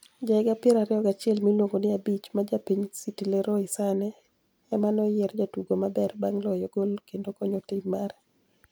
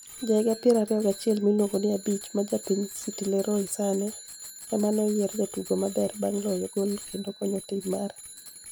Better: first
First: none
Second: background sound (Bicycle bell); 16 dB below the speech

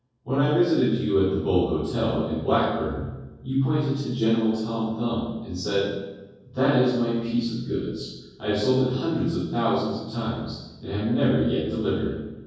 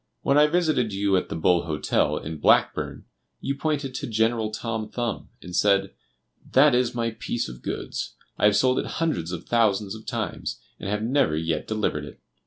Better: second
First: room echo; dies away in 1.3 s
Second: none

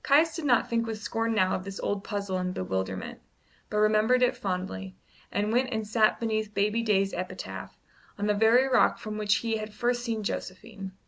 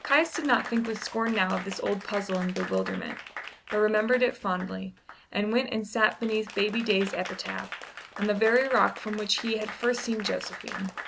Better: first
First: none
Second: background sound (Applause / Crowd); 12 dB below the speech

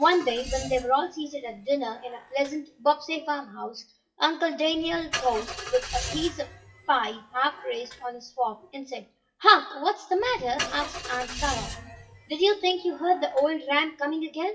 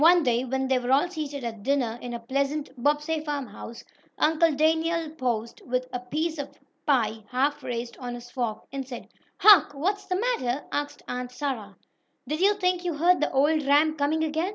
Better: second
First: noise reduction (classical method WPE with log-MMSE)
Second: none

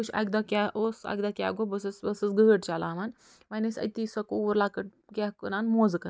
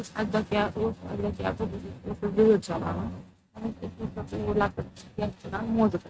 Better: first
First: none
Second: noise reduction (neural mask model RNNoise)

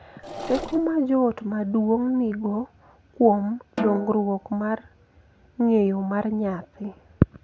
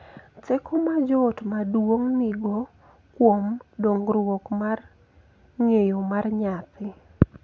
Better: second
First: background sound (Snare drum + Engine / Mechanisms); 12 dB below the speech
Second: none

